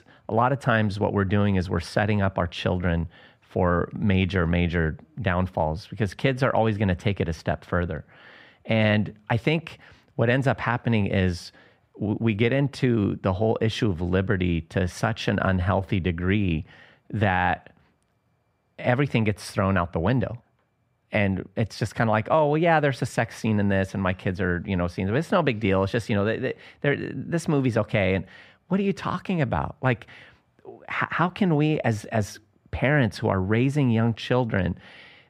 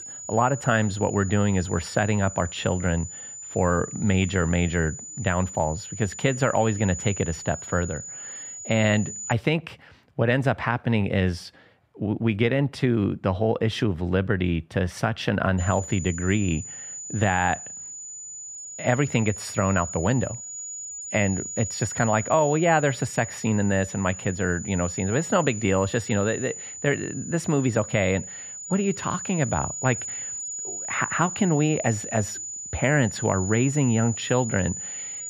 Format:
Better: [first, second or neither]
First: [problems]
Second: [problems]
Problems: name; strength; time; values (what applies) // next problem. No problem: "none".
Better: first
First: none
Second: high-pitched whine; loud; until 9.5 s and from 16 s on; 7 kHz, 9 dB below the speech